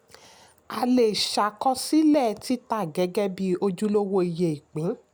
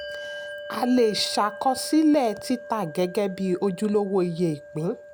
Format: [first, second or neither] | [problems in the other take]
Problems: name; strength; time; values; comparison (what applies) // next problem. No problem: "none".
first | background sound (Bell); 14 dB below the speech